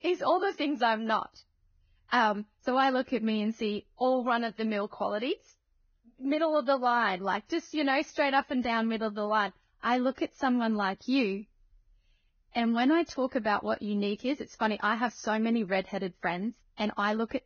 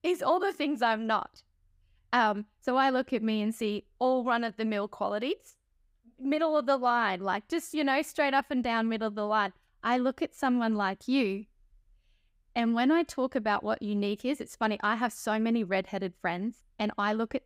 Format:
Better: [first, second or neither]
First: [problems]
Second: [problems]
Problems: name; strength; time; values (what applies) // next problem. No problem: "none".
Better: second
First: garbled, watery; badly; nothing above 6.5 kHz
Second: none